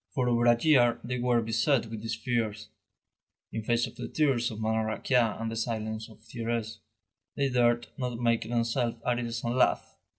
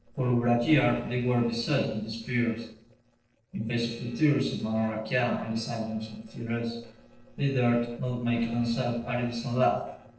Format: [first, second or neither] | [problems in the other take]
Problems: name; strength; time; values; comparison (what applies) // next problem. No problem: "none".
first | noise reduction (neural separator model SepFormer DNS4)